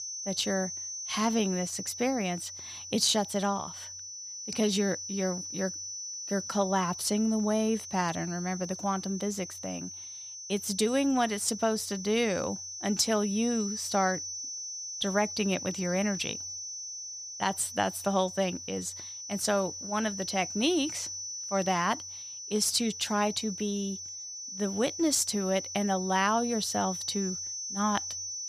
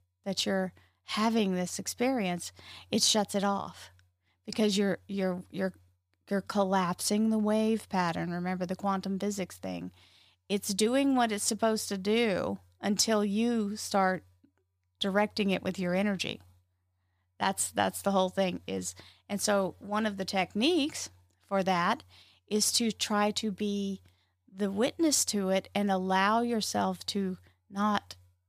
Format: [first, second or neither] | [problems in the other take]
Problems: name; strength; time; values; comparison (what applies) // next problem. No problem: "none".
second | high-pitched whine; loud; throughout; 6 kHz, 7 dB below the speech